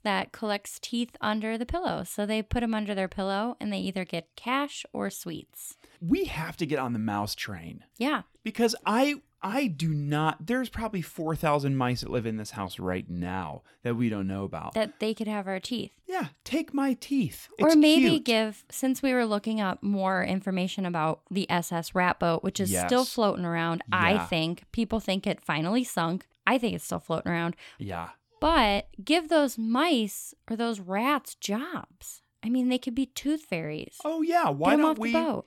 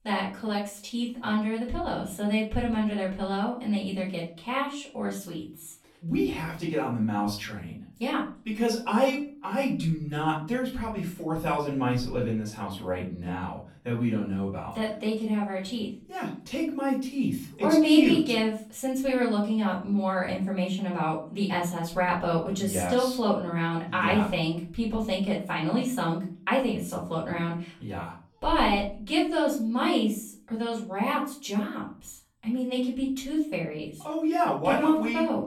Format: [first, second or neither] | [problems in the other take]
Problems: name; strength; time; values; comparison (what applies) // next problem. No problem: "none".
first | off-mic speech; far // room echo; slight; dies away in 0.4 s